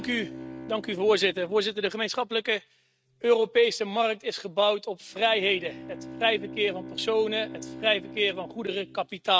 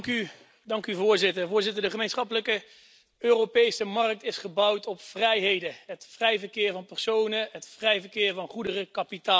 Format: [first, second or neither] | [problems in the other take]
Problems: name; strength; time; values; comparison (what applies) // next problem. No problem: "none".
second | noise reduction (neural mask model RNNoise)